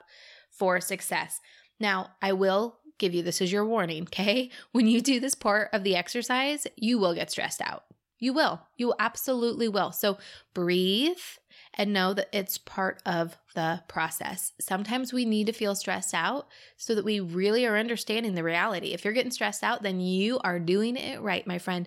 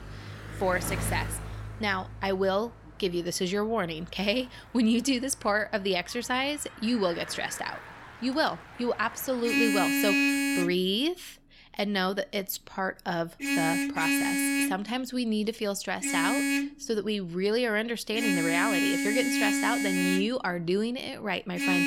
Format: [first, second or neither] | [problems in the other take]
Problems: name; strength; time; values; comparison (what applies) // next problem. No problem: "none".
first | traffic noise; very loud; throughout; 1 dB above the speech